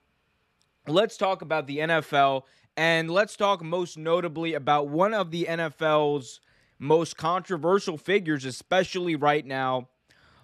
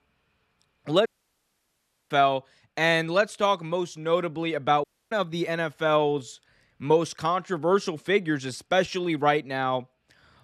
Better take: first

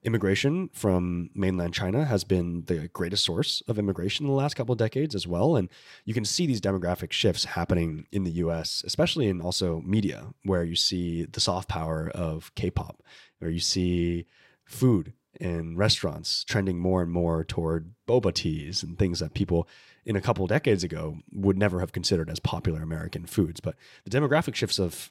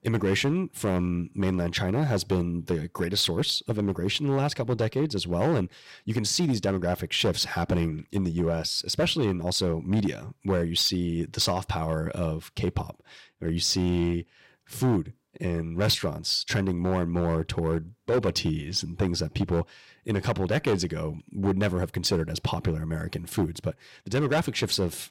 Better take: first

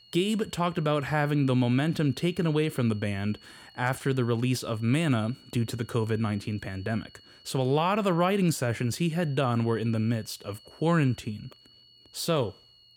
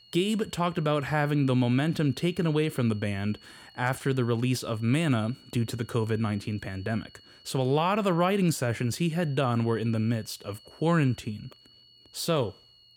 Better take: neither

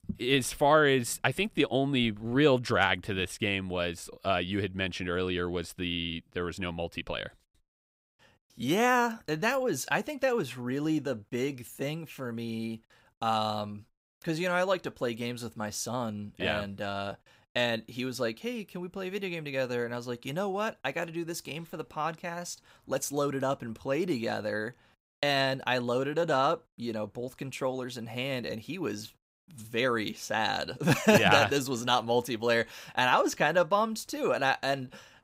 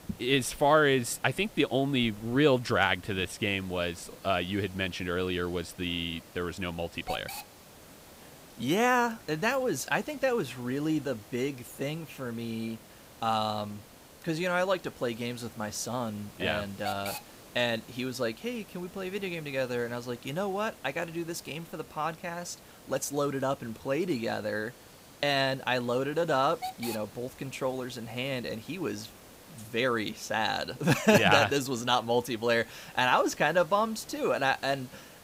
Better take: first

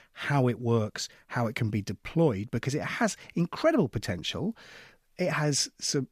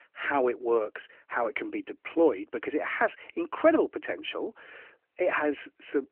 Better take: first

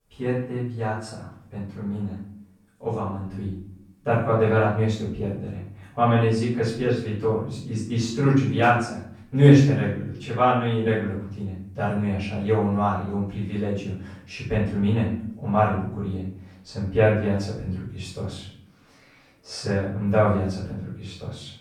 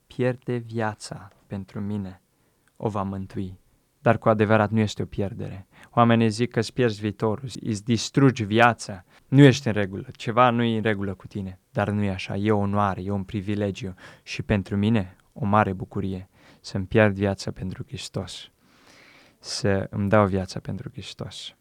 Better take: second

